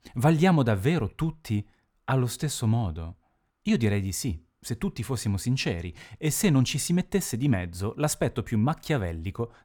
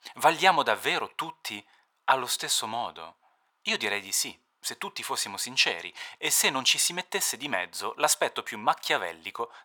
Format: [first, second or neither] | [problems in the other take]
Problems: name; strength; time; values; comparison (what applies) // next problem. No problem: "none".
first | thin; very; fading below 800 Hz